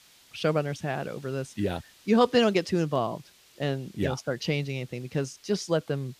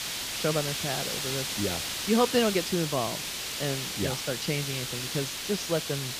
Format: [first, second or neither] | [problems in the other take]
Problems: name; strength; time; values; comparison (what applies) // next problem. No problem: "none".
first | hiss; loud; throughout; 1 dB below the speech; faint in the first